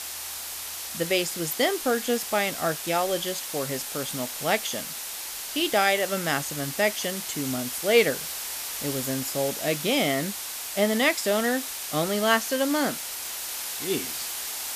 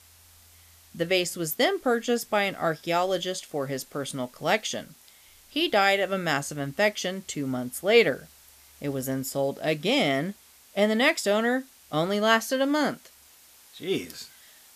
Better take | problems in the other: second | hiss; loud; throughout; 5 dB below the speech; faint in the second

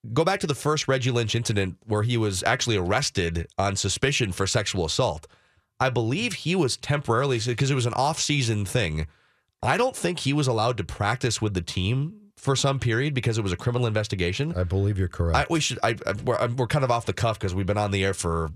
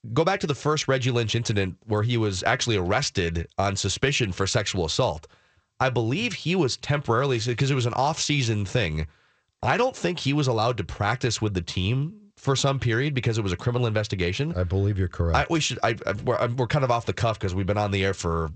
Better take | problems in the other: first | garbled, watery; slightly; nothing above 8 kHz

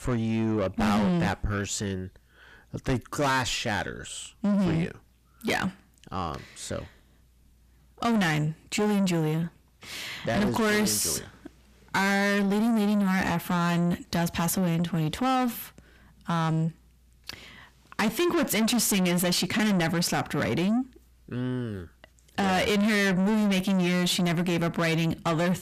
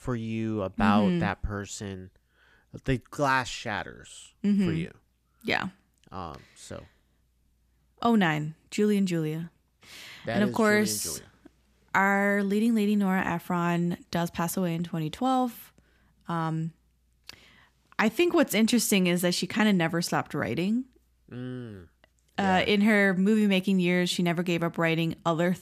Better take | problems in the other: second | distortion; heavy; 6 dB below the speech

